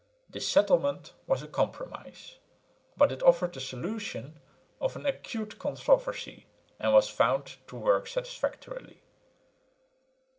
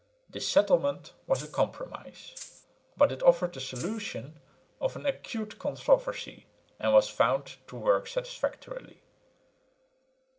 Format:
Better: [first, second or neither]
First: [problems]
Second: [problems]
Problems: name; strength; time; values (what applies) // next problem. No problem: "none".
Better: first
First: none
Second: background sound (Rattle (instrument)); 15 dB below the speech